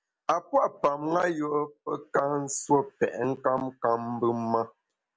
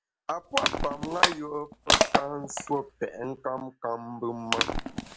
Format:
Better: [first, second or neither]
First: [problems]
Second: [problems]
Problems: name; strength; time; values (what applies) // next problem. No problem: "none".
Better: first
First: none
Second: background sound (Crushing); 3 dB above the speech